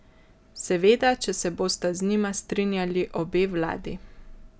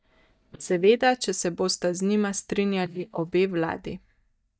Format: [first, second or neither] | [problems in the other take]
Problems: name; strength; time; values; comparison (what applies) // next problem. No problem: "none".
first | noise reduction (neural mask model DeepFilterNet 3)